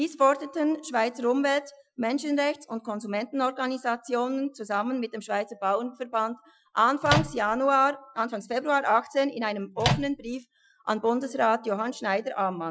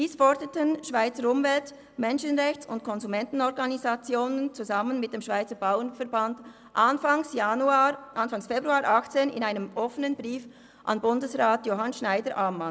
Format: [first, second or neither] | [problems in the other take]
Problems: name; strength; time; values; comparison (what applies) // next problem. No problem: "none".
second | noise reduction (classical method Wiener filter)